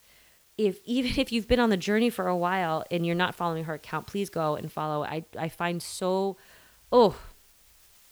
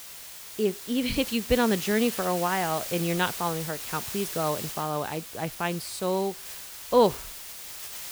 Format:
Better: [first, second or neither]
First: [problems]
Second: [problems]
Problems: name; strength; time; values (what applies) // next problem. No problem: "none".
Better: first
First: hiss; faint; throughout; 25 dB below the speech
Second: hiss; loud; throughout; 8 dB below the speech